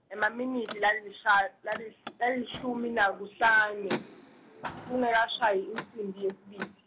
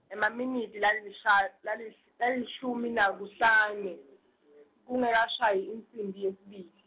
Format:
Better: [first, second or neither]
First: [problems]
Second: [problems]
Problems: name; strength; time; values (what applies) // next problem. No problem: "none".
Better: second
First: background sound (Car); 14 dB below the speech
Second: none